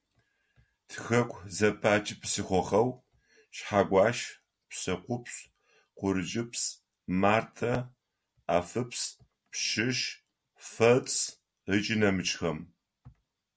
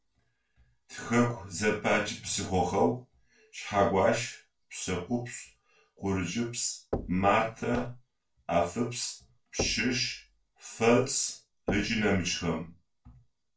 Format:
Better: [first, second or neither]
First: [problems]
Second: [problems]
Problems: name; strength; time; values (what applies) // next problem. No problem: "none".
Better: first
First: none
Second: noise reduction (neural separator model SepFormer DNS4)